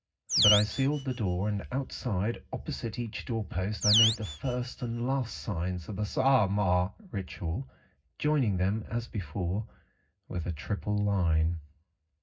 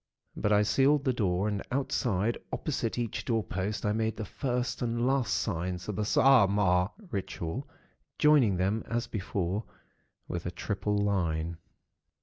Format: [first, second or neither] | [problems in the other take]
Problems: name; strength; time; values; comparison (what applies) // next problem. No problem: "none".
second | background sound (Animal); 4 dB below the speech // room echo; dies away in 0.4 s